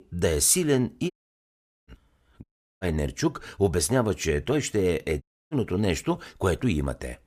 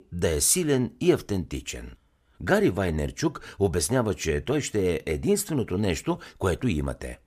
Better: second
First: audio cutting out; at 1 s for 1 s, at 2.5 s and at 5 s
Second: none

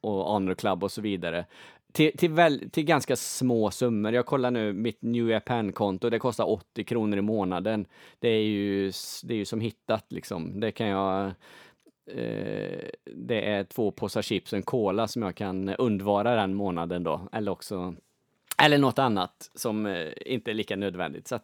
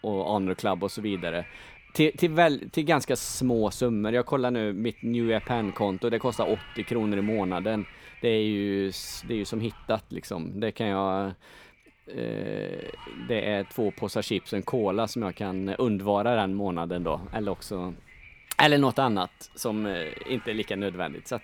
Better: first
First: none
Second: wind noise on the microphone; occasional gusts; 20 dB below the speech

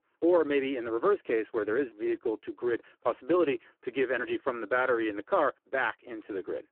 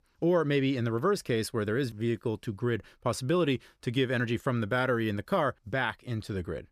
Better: second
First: phone-call audio; poor line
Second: none

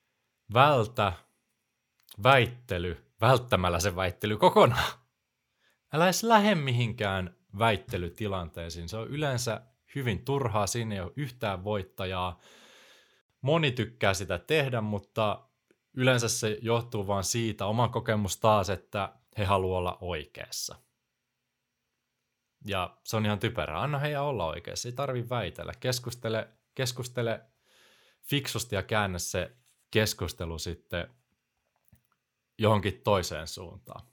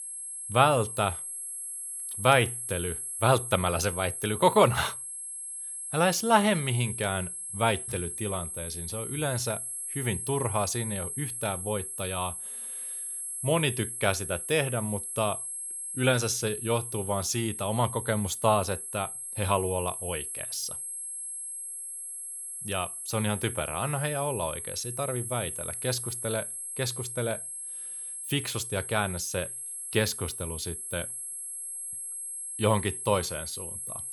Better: first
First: none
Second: high-pitched whine; loud; throughout; 11 kHz, 5 dB below the speech

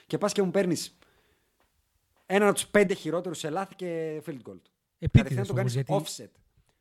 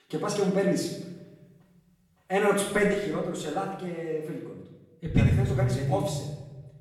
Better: first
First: none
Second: off-mic speech; far // room echo; noticeable; dies away in 0.9 s

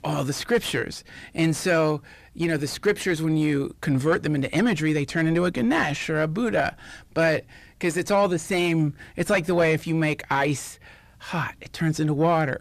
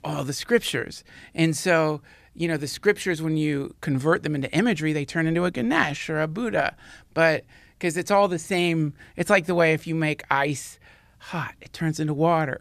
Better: second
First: distortion; slight; 10 dB below the speech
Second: none

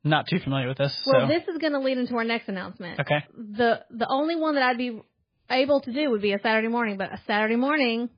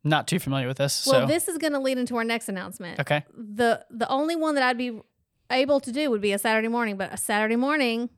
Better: second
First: garbled, watery; badly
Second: none

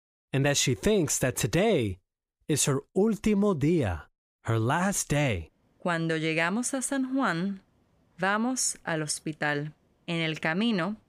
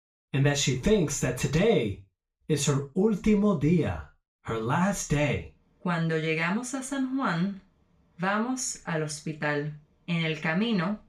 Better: first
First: none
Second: room echo; very slight; dies away in 0.2 s // off-mic speech; far

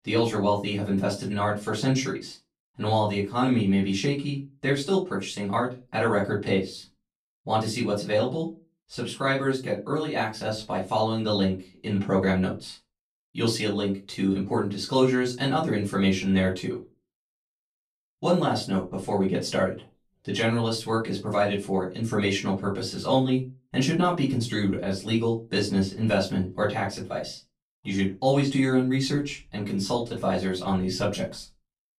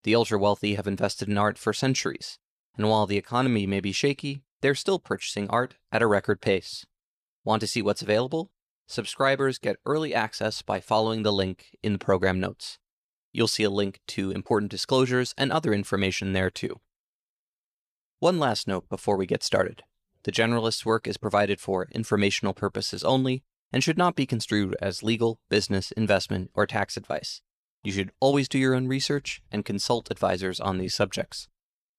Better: second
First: off-mic speech; far // room echo; very slight; dies away in 0.2 s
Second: none

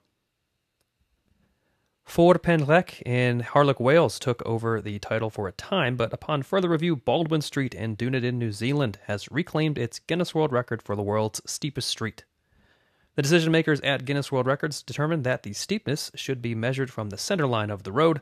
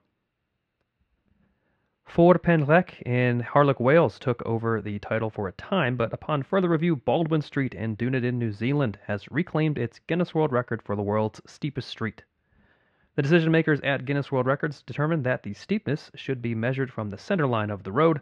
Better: first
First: none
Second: muffled; slightly; fading above 2 kHz

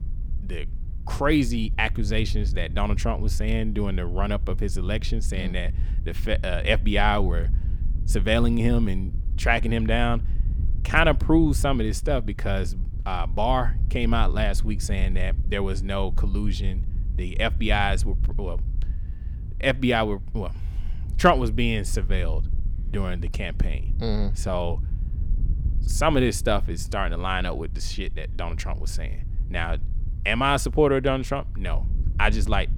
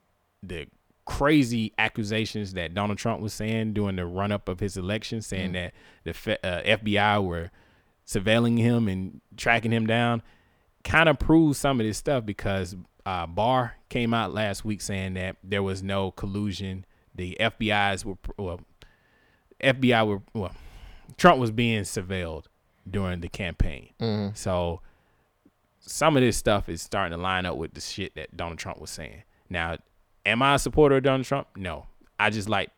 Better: second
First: wind noise on the microphone; occasional gusts; 20 dB below the speech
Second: none

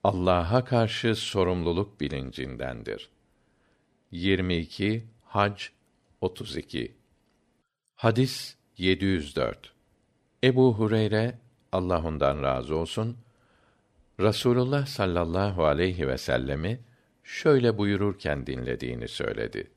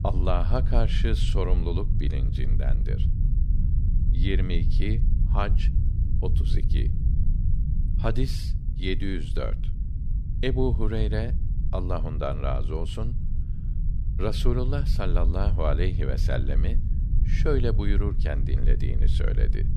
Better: first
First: none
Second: low rumble; loud; throughout; 10 dB below the speech

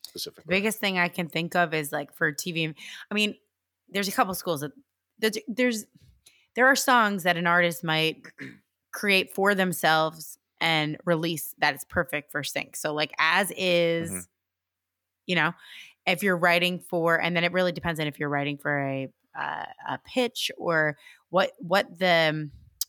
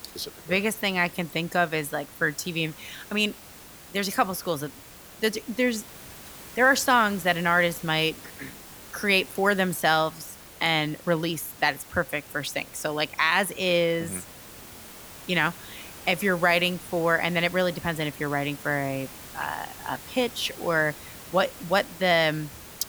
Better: first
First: none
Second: hiss; noticeable; throughout; 15 dB below the speech

